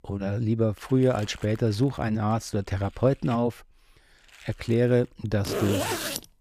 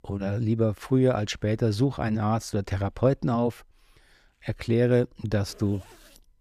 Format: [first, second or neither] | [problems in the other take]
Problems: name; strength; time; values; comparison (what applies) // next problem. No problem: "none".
second | household noises; loud; throughout; 6 dB below the speech; faint in the second